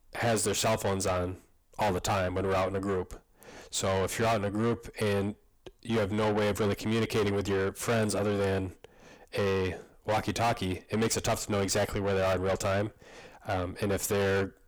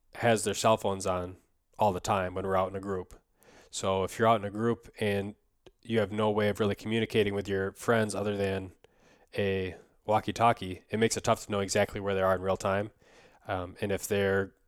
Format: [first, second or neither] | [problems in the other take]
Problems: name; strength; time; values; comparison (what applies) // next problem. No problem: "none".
second | distortion; heavy; 6 dB below the speech